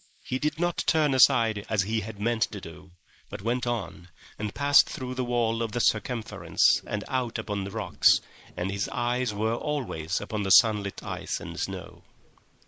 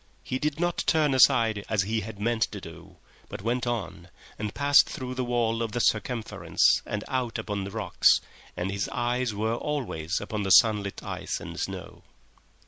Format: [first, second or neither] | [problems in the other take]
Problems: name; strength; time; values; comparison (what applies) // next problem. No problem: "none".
second | noise reduction (neural mask model Resemble Enhance denoiser)